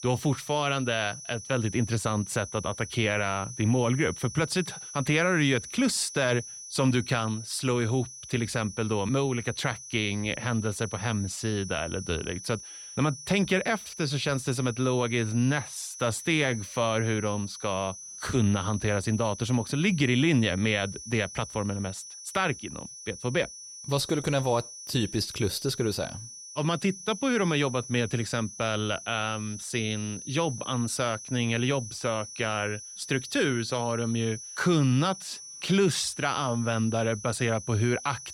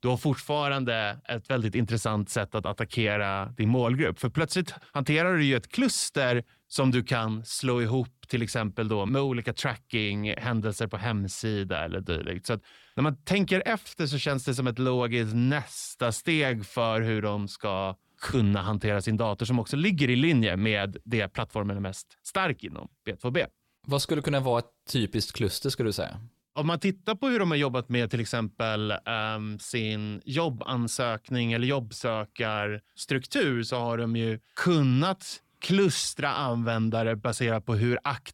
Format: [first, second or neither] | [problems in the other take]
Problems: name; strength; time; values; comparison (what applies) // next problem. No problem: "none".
second | high-pitched whine; noticeable; throughout; 6 kHz, 10 dB below the speech